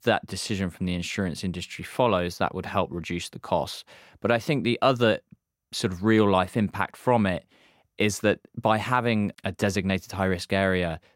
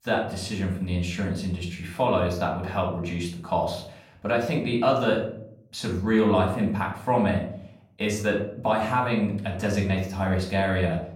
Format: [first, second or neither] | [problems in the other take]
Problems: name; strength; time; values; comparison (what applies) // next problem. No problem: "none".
first | off-mic speech; far // room echo; slight; dies away in 0.6 s